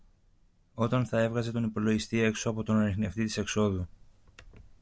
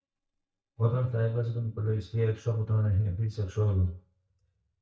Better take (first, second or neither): first